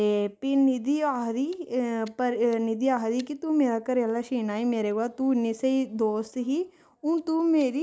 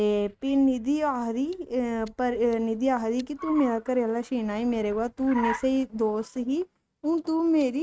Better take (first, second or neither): first